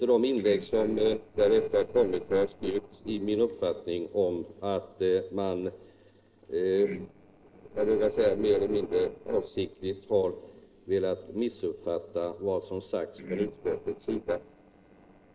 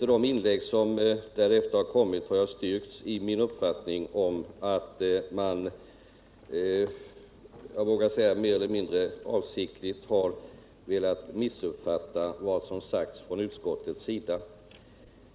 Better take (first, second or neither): second